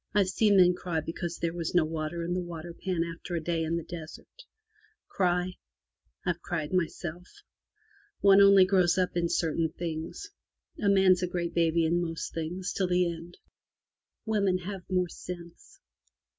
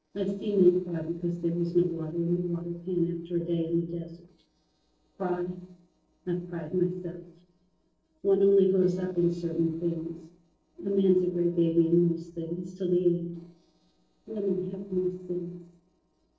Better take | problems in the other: first | noise reduction (neural separator model SepFormer DNS4)

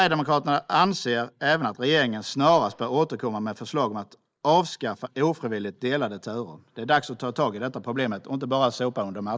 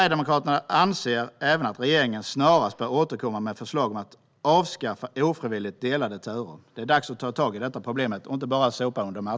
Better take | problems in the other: second | noise reduction (neural mask model Resemble Enhance denoiser)

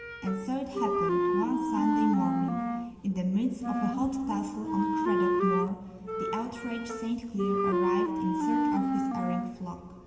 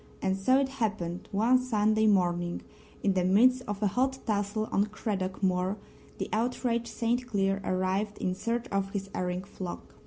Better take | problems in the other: second | background sound (Wind instrument, woodwind instrument); 2 dB above the speech // room echo; dies away in 2.9 s

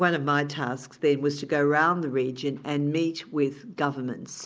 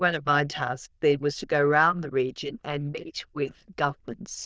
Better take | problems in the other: first | noise reduction (neural diffusion model UNIVERSE++)

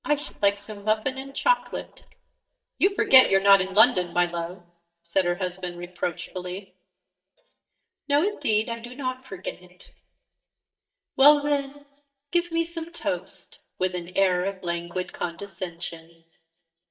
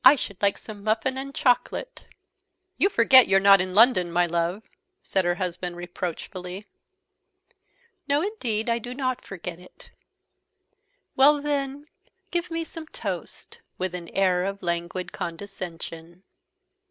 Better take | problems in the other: second | noise reduction (neural mask model DeepFilterNet 3)

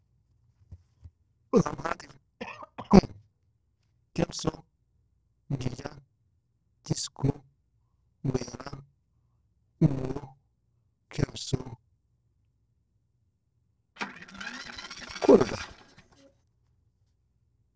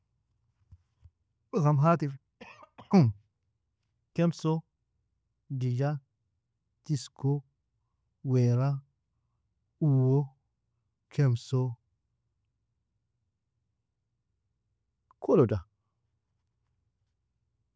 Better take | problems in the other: second | noise reduction (neural separator model SepFormer DNS4)

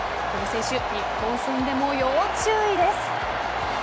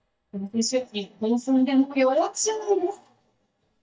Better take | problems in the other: first | noise reduction (neural mask model DeepFilterNet 3)

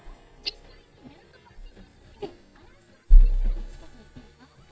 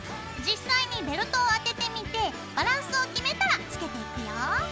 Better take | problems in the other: second | noise reduction (neural mask model DeepFilterNet 3)

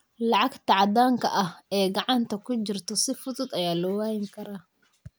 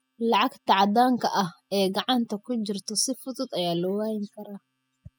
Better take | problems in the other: first | noise reduction (classical method spectral subtraction)

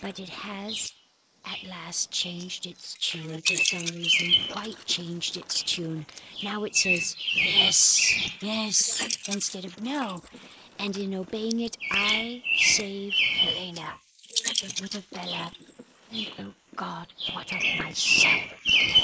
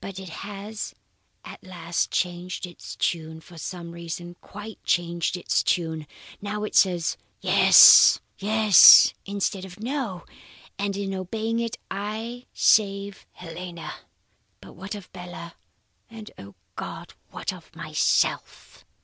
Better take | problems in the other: second | noise reduction (neural mask model Resemble Enhance denoiser)

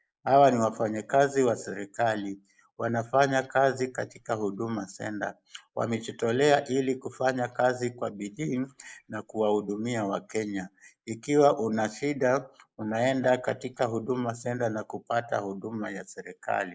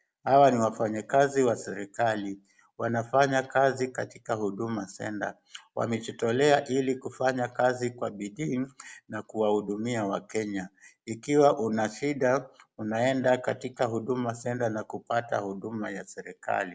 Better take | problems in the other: second | noise reduction (neural mask model Resemble Enhance denoiser)

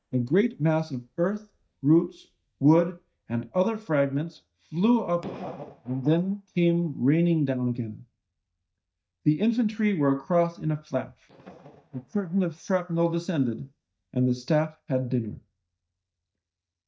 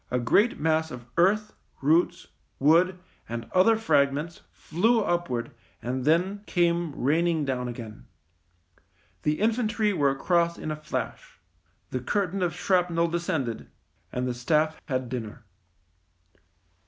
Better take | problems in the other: second | noise reduction (neural mask model DeepFilterNet 3)

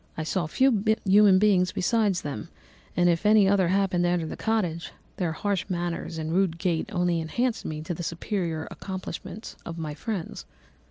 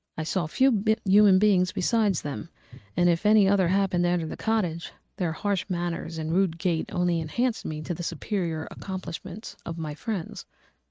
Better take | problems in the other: first | noise reduction (neural mask model RNNoise)

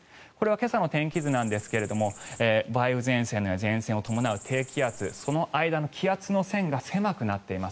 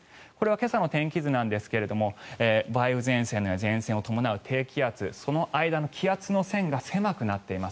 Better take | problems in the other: second | background sound (Cricket); 17 dB below the speech

